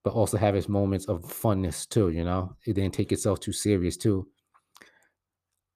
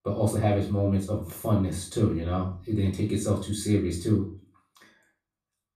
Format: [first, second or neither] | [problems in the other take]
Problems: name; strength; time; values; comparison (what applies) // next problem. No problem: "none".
first | off-mic speech; far // room echo; slight; dies away in 0.3 s